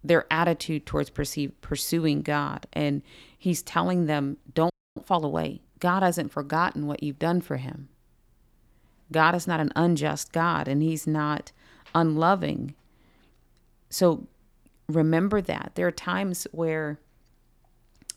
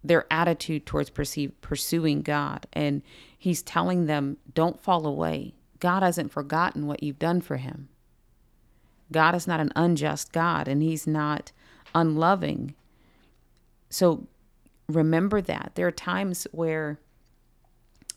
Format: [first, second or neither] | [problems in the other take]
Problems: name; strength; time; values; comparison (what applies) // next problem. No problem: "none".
second | audio freezing; at 4.5 s